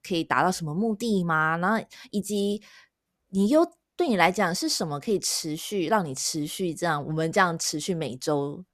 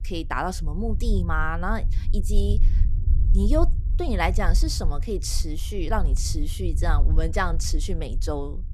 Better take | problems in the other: first | low rumble; noticeable; throughout; 15 dB below the speech

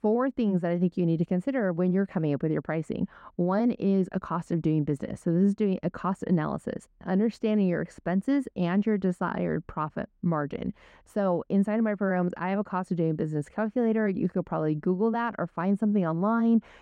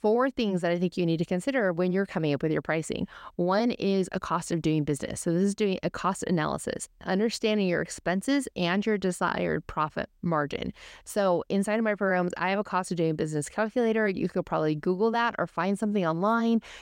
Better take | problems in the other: second | muffled; slightly; fading above 2.5 kHz

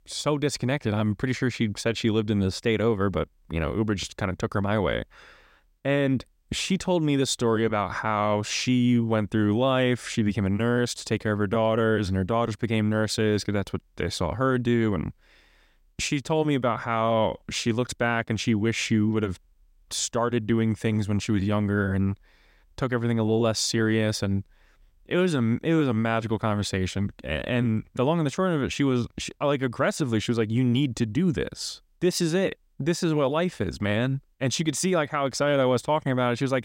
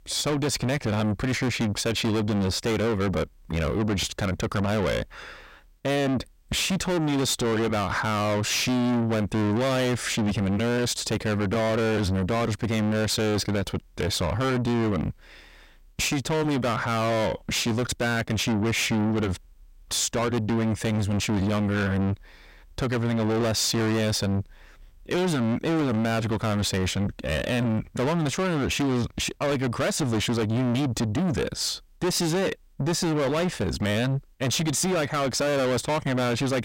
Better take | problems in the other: first | distortion; heavy; 6 dB below the speech

